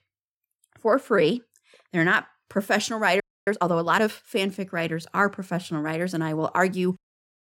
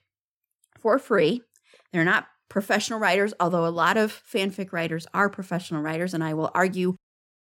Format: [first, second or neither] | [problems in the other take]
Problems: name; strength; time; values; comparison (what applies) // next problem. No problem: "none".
second | audio freezing; at 3 s